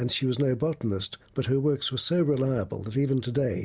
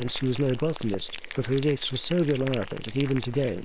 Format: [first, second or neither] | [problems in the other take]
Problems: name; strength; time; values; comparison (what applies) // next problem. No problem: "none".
first | noise reduction (neural separator model SepFormer WHAM!)